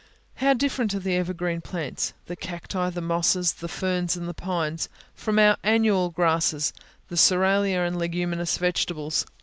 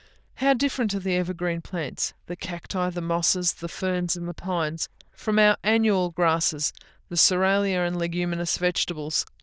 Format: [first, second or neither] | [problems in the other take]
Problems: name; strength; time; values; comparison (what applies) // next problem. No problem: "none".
first | noise reduction (neural diffusion model UNIVERSE++)